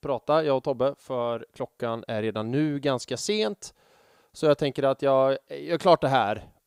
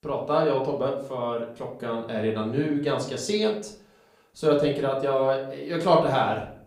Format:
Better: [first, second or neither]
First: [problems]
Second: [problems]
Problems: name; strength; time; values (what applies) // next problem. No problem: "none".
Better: first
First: none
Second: room echo; slight; dies away in 0.4 s // off-mic speech; far